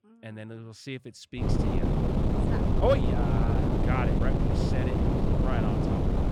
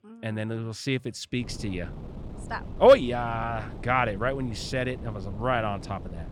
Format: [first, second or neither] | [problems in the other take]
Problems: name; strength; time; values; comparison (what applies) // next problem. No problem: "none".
second | wind noise on the microphone; heavy; from 1.5 s on; 1 dB above the speech; occasional gusts in the second